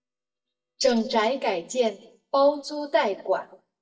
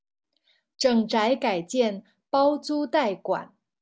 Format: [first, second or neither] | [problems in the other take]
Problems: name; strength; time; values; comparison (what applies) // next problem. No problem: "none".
second | noise reduction (neural mask model DeepFilterNet 3)